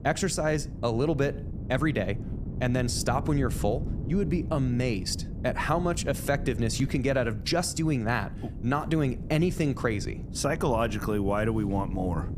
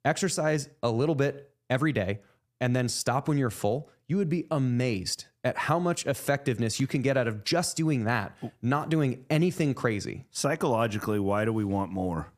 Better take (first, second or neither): second